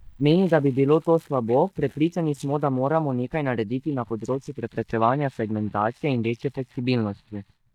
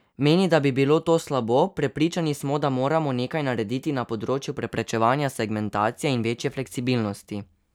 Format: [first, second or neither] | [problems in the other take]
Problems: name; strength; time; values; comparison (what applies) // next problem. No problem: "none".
second | noise reduction (neural mask model DeepFilterNet 3)